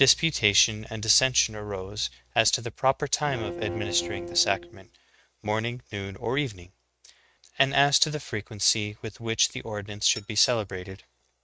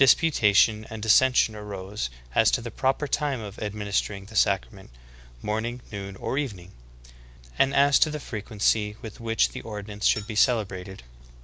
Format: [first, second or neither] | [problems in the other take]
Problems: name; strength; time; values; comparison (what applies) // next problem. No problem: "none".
second | noise reduction (neural mask model RNNoise)